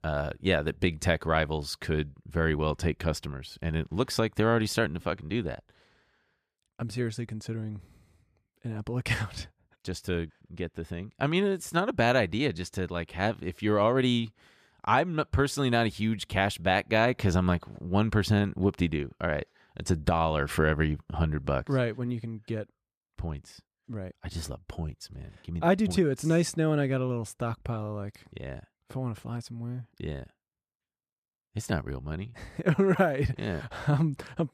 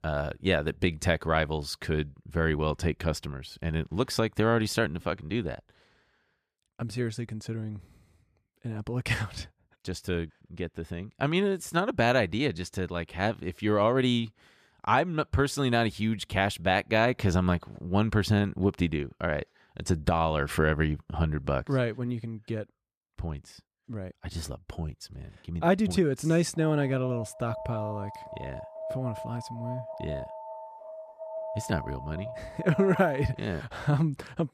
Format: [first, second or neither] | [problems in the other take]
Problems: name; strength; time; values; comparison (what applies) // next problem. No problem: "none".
first | alarm; noticeable; from 27 to 34 s; peak 8 dB below the speech